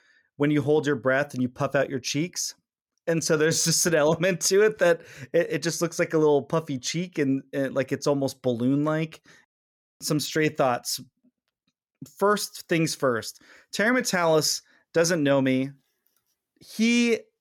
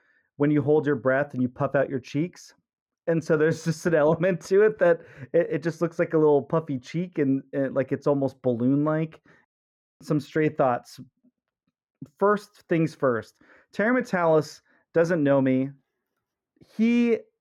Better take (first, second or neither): first